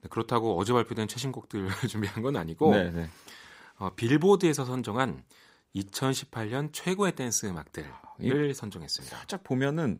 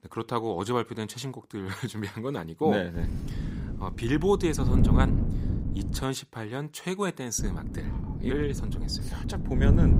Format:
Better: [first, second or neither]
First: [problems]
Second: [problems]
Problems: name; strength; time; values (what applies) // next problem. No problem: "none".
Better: first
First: none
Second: wind noise on the microphone; heavy; from 3 to 6 s and from 7.5 s on; 7 dB below the speech